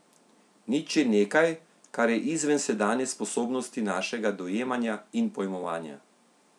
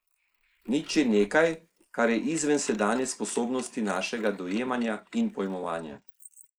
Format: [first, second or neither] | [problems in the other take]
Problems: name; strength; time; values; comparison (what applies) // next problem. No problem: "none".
first | noise reduction (neural mask model Resemble Enhance denoiser)